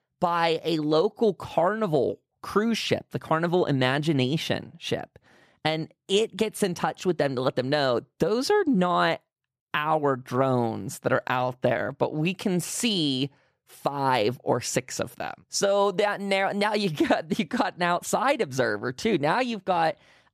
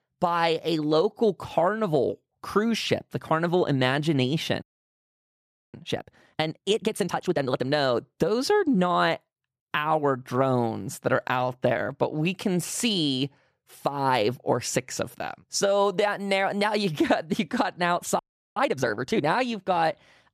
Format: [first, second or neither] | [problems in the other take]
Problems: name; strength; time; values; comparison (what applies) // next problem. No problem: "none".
first | audio freezing; at 4.5 s for 1 s and at 18 s